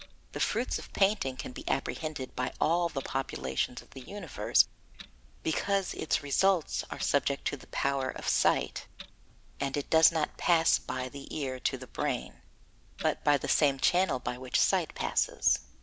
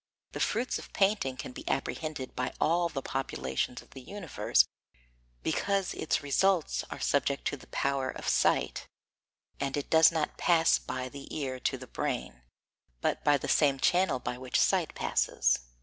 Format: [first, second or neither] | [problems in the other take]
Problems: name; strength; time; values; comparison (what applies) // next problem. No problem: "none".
second | background sound (Clock); 18 dB below the speech